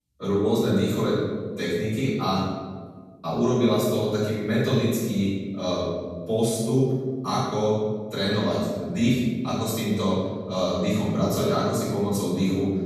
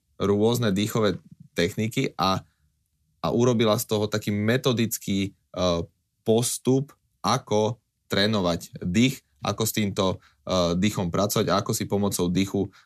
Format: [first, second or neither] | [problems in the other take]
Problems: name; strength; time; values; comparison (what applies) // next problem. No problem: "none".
second | off-mic speech; far // room echo; strong; dies away in 1.5 s